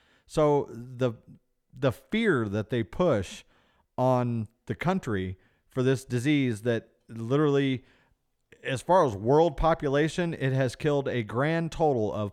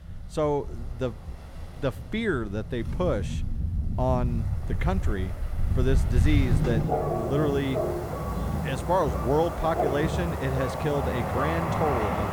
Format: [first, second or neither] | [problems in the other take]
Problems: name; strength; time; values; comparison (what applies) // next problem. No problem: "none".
first | rain or running water; very loud; throughout; as loud as the speech